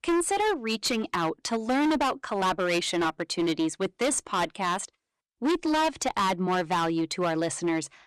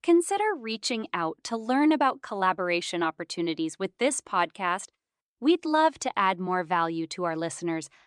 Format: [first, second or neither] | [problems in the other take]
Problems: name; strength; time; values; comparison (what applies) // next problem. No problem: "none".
second | distortion; heavy; 18% of the sound clipped